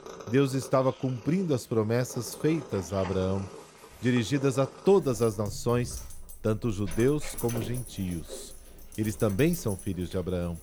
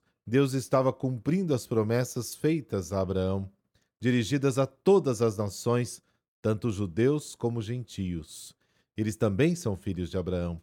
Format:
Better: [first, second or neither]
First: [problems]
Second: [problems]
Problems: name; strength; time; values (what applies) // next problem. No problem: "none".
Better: second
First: animal sounds; noticeable; throughout; 15 dB below the speech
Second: none